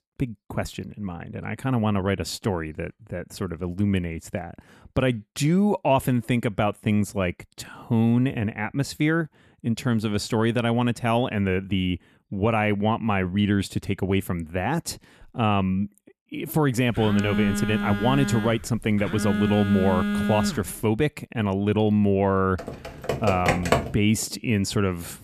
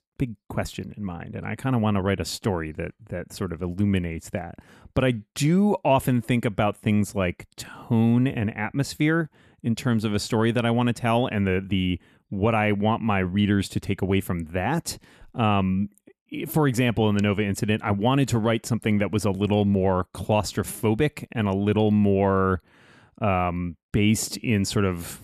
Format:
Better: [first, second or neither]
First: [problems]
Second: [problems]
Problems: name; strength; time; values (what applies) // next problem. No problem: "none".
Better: second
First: phone ringing; loud; from 17 to 21 s; peak level with the speech // keyboard typing; loud; from 23 to 24 s; peak 2 dB above the speech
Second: none